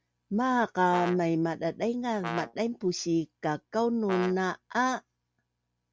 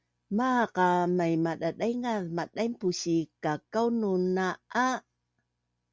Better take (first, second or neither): second